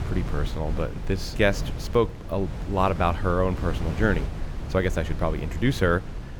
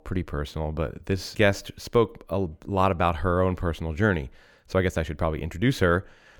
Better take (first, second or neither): second